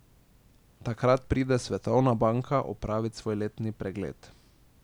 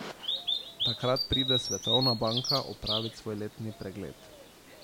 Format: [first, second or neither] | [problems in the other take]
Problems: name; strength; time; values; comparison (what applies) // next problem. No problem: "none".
first | background sound (Bird vocalization, bird call, bird song); as loud as the speech